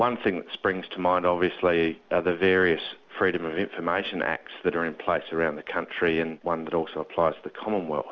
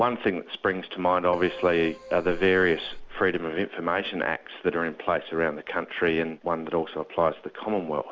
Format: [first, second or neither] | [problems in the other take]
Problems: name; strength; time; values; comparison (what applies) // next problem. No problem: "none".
first | background sound (Keyboard (musical)); 12 dB below the speech